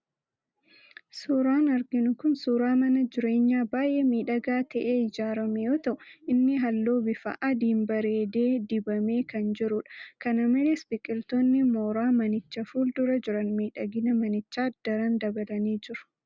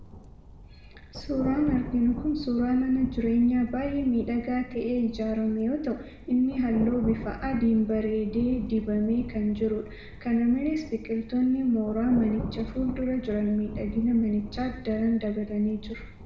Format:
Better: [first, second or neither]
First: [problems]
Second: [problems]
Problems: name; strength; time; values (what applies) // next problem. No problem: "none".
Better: first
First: none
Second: background sound (Thunder); 12 dB below the speech // room echo; dies away in 0.8 s